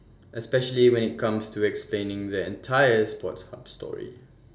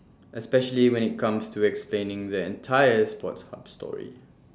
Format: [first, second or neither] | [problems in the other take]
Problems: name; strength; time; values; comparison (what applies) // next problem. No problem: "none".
second | room echo; dies away in 0.2 s